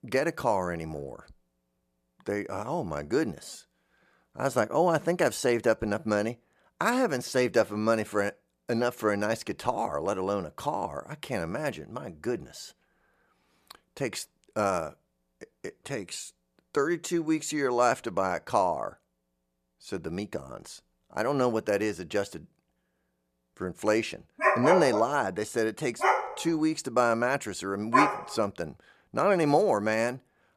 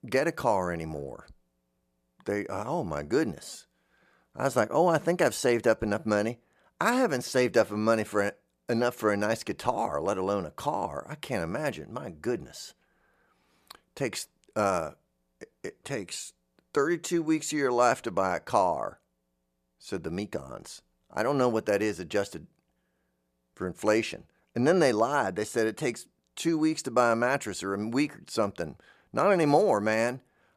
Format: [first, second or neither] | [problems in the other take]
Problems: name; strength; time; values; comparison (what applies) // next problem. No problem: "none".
second | dog barking; loud; from 24 to 28 s; peak 6 dB above the speech